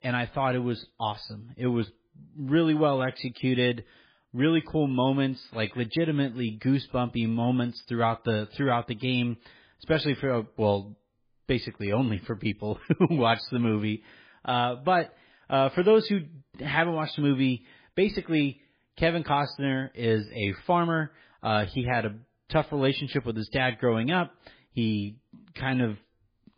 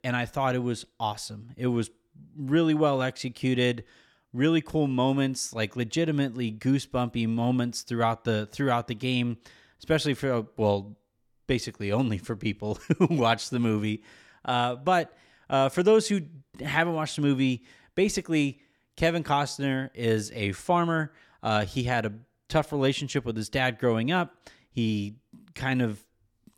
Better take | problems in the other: second | garbled, watery; badly; nothing above 4 kHz

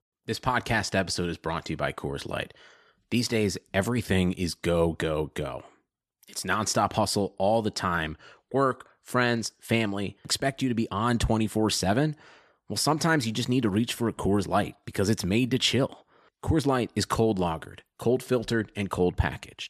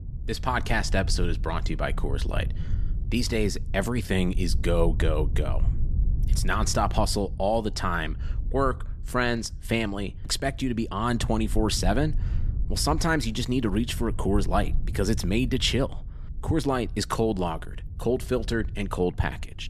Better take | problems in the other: first | low rumble; faint; throughout; 20 dB below the speech

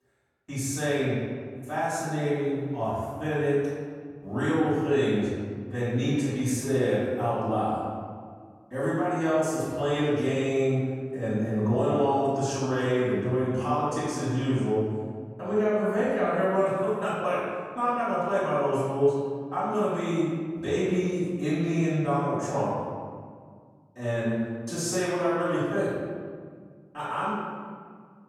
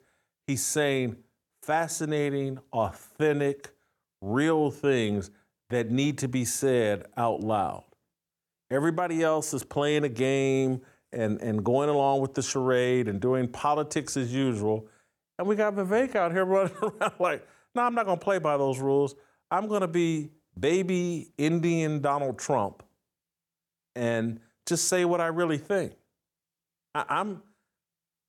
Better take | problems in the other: second | room echo; strong; dies away in 1.8 s // off-mic speech; far

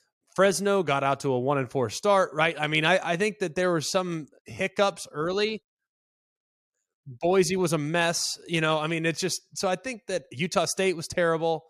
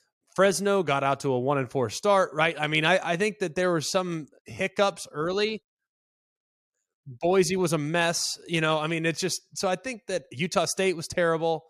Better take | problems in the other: neither | none

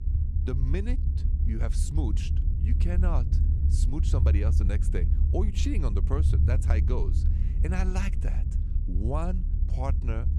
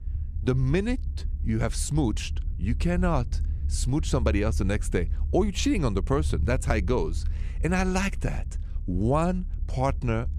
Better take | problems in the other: second | low rumble; loud; throughout; 6 dB below the speech; faint in the second

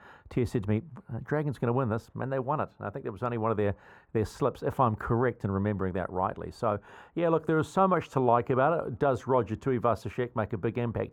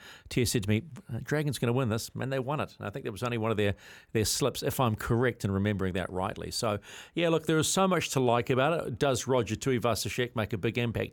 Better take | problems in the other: second | muffled; very; fading above 2 kHz

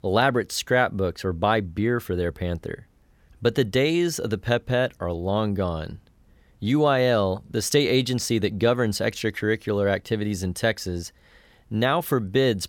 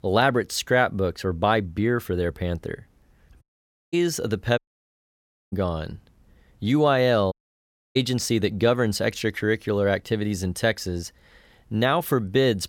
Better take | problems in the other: first | audio cutting out; at 3.5 s for 0.5 s, at 4.5 s for 1 s and at 7.5 s for 0.5 s

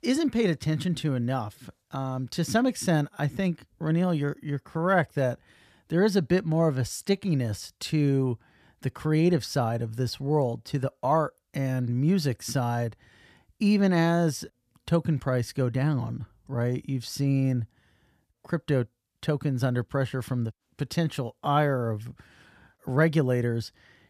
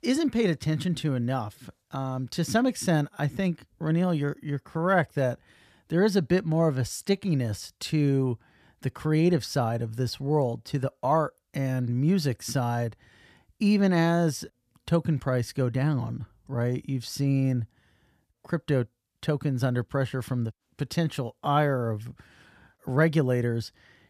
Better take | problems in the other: neither | none

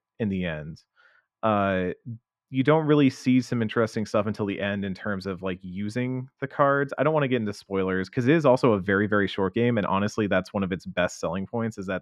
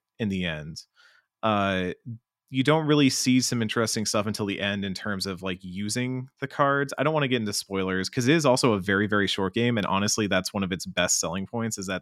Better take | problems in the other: second | muffled; very; fading above 3.5 kHz

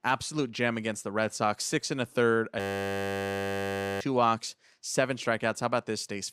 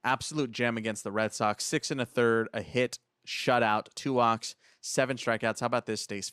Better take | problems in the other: second | audio freezing; at 2.5 s for 1.5 s

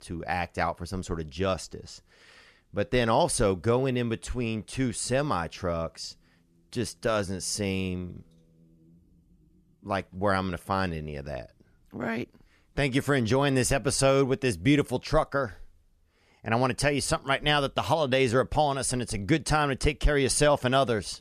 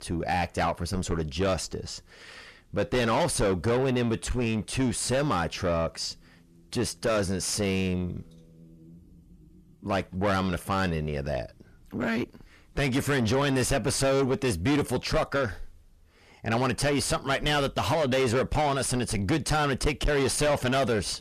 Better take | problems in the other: first | distortion; heavy; 6 dB below the speech

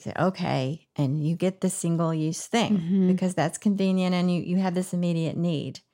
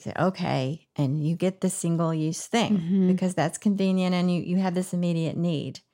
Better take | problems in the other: neither | none

